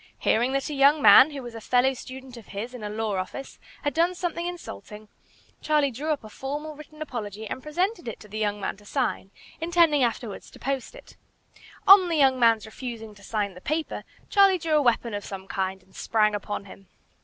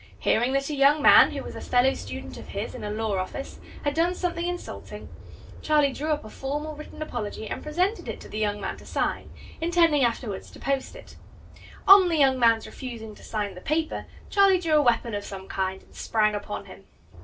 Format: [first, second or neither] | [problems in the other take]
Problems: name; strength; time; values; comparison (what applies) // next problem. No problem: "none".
first | background sound (Aircraft); 15 dB below the speech // room echo; dies away in 0.2 s